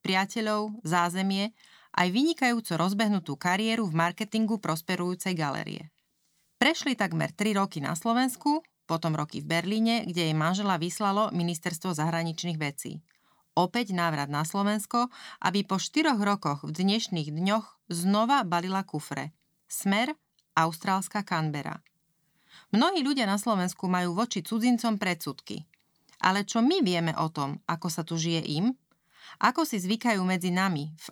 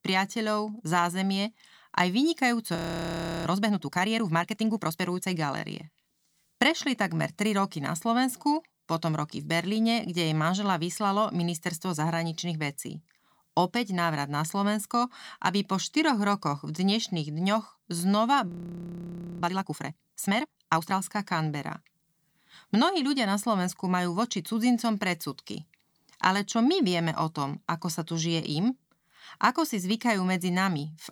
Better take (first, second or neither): first